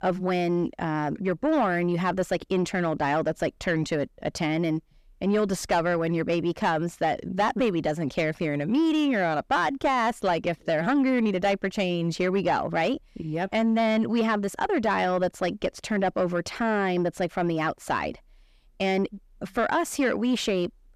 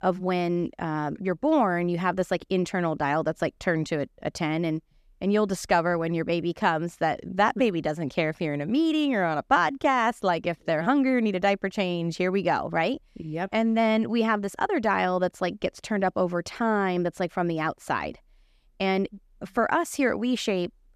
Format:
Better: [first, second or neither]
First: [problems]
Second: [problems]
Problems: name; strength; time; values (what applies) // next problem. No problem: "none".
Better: second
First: distortion; slight; 10 dB below the speech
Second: none